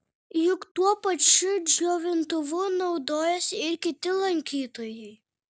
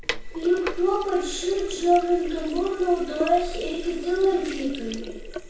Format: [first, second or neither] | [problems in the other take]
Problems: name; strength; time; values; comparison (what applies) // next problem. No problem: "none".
first | background sound (Sink (filling or washing)); 9 dB below the speech // room echo; dies away in 0.7 s